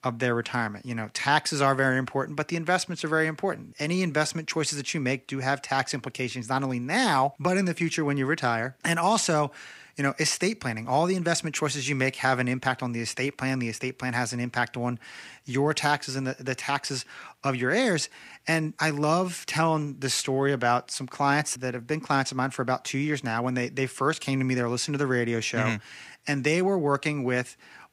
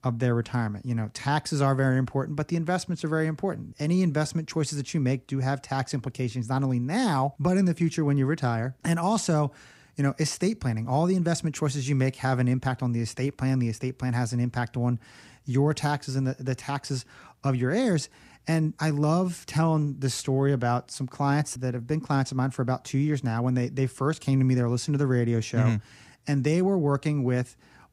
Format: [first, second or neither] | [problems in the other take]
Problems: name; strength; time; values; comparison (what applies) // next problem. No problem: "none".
second | thin; somewhat; fading below 450 Hz